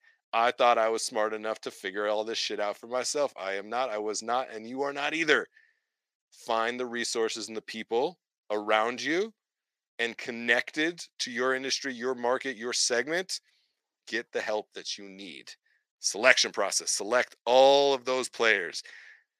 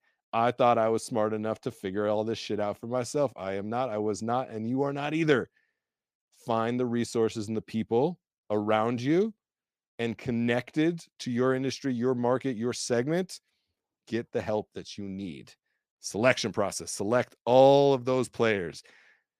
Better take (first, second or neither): second